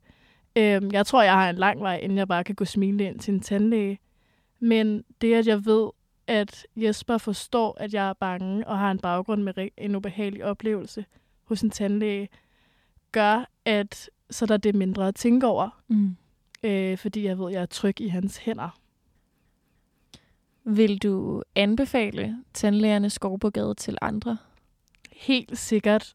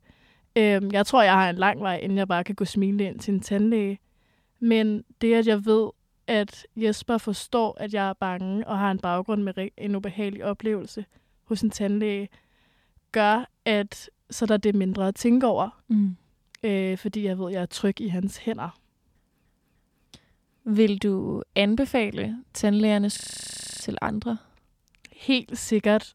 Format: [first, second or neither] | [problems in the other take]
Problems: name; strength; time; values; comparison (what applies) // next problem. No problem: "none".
first | audio freezing; at 23 s for 0.5 s